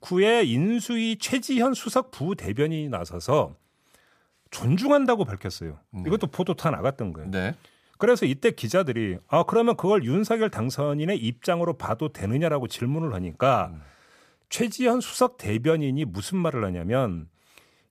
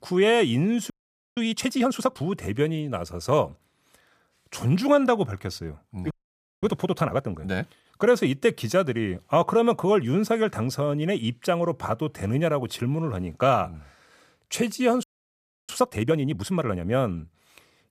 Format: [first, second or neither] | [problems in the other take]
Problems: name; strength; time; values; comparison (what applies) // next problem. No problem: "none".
first | audio freezing; at 1 s, at 6 s for 0.5 s and at 15 s for 0.5 s